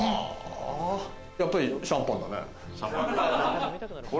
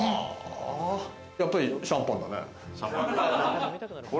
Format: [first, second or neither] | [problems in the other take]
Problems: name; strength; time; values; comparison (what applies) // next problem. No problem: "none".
second | background sound (Bird vocalization, bird call, bird song); 16 dB below the speech